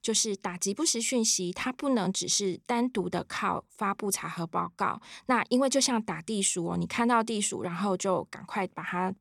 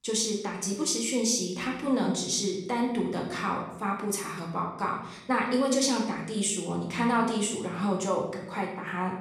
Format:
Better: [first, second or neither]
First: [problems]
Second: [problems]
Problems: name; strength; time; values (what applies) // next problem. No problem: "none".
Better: first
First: none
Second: room echo; noticeable; dies away in 0.7 s // off-mic speech; somewhat distant